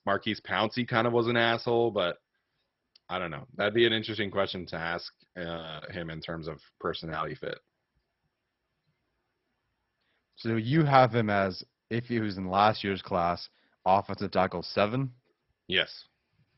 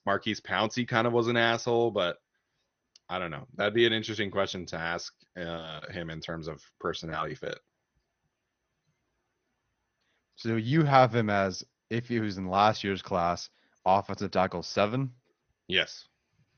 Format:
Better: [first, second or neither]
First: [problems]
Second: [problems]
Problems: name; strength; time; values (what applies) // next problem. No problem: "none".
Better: second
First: garbled, watery; badly; nothing above 5.5 kHz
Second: garbled, watery; slightly; nothing above 6.5 kHz